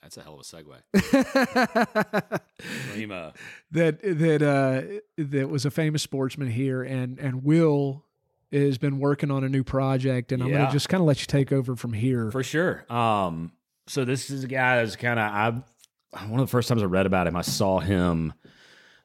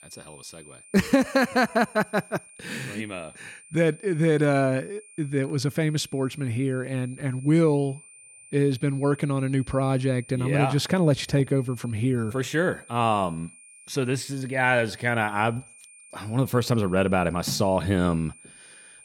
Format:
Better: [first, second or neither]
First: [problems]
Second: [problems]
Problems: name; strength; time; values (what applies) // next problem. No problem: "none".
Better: first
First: none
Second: high-pitched whine; faint; throughout; 9 kHz, 20 dB below the speech